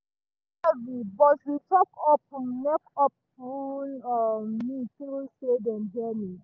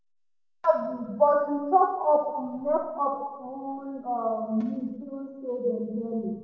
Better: first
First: none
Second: room echo; dies away in 0.9 s

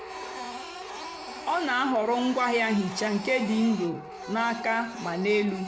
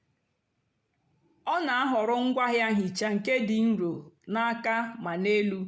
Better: second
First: background sound (Printer); 11 dB below the speech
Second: none

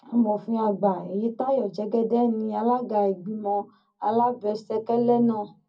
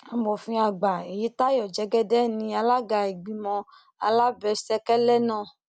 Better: second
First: room echo; dies away in 0.4 s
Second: none

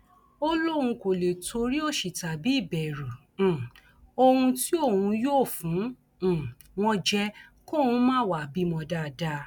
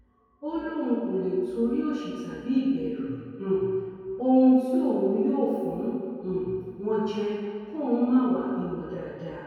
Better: first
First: none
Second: room echo; dies away in 2.2 s

